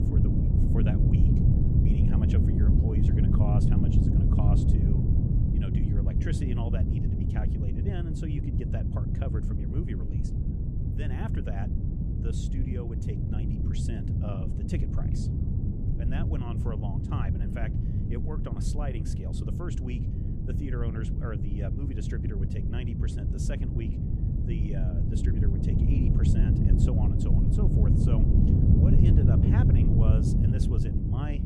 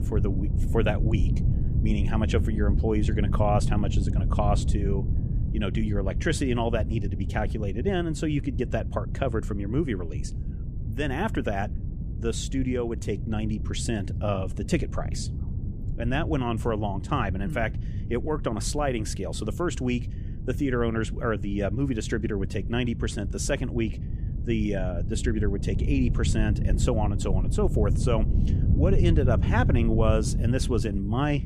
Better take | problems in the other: second | wind noise on the microphone; heavy; 5 dB above the speech; occasional gusts in the second

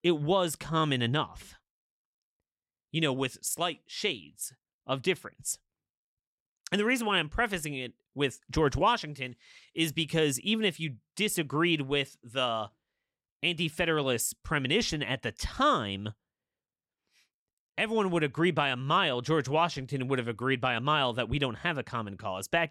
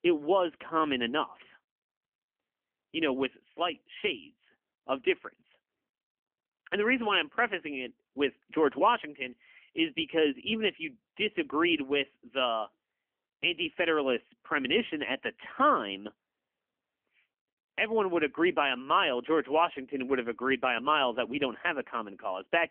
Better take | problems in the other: first | phone-call audio; nothing above 3 kHz

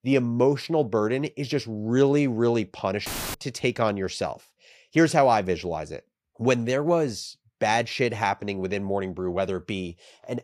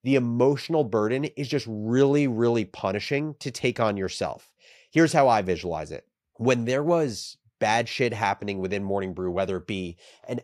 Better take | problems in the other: second | audio cutting out; filled with static; at 3 s

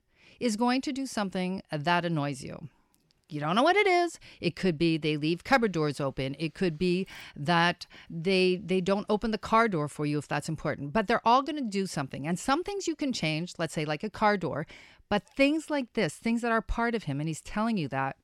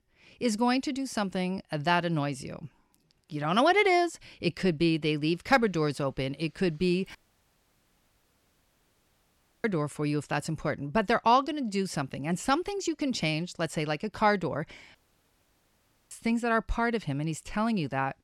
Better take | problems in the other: first | audio cutting out; at 7 s for 2.5 s and at 15 s for 1 s

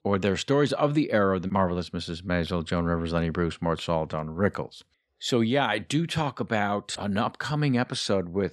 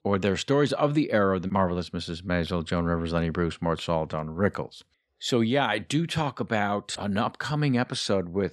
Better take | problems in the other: neither | none

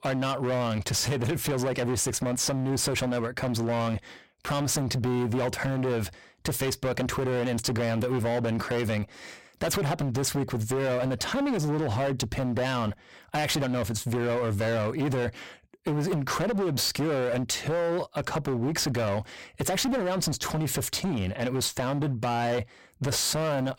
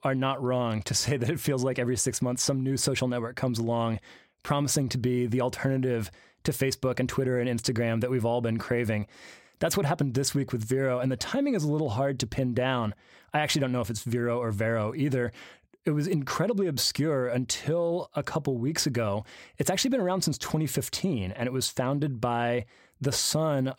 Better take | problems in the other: second | distortion; heavy; 28% of the sound clipped

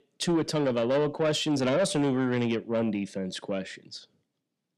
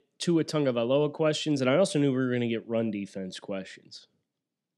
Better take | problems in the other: second | distortion; slight; 10 dB below the speech

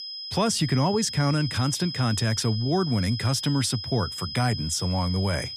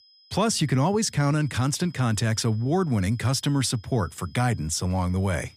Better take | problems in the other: second | high-pitched whine; loud; throughout; 5 kHz, 7 dB below the speech; faint in the second

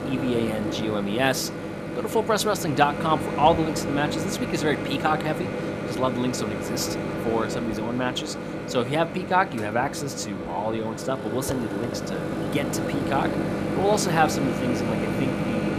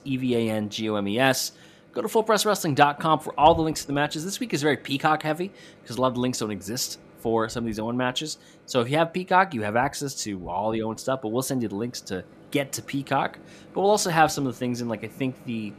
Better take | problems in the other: second | household noises; loud; throughout; 3 dB below the speech; faint in the second

